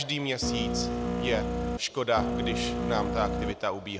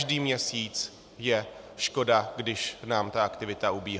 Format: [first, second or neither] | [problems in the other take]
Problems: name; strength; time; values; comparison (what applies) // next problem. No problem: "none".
second | background sound (Printer); 2 dB above the speech